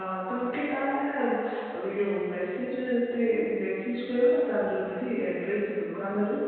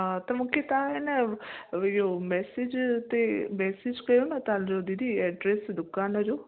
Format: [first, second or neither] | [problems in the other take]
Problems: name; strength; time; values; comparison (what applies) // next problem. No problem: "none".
second | room echo; dies away in 1.9 s